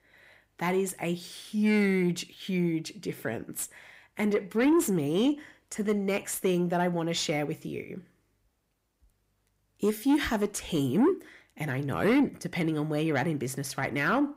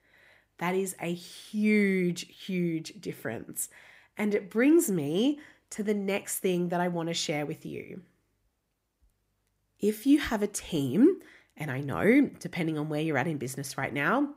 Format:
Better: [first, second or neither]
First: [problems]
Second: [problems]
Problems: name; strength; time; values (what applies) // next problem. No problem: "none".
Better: second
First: distortion; slight; 10 dB below the speech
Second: none